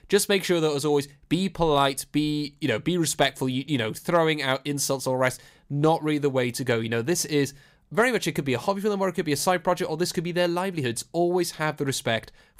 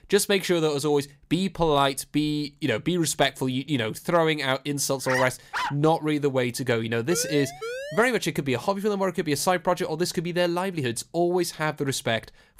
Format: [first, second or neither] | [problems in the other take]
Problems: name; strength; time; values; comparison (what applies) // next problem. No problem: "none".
first | dog barking; noticeable; at 5 s; peak 3 dB below the speech // siren; noticeable; from 7 to 8 s; peak 9 dB below the speech